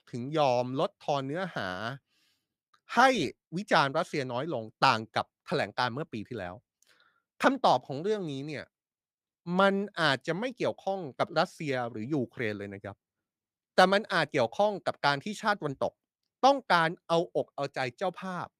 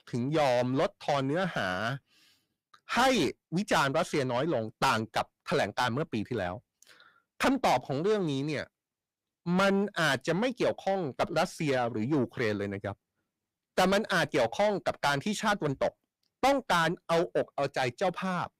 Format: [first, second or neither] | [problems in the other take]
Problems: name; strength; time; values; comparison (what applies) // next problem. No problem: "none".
first | distortion; heavy; 5 dB below the speech